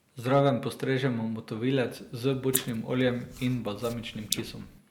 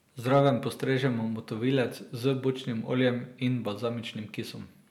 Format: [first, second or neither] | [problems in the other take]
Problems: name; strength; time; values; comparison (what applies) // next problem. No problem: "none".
second | noise reduction (neural mask model Resemble Enhance denoiser)